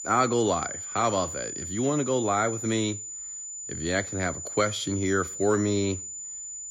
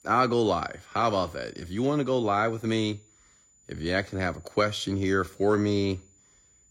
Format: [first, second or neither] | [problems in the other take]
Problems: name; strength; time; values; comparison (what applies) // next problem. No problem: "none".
second | high-pitched whine; loud; throughout; 7 kHz, 7 dB below the speech; faint in the second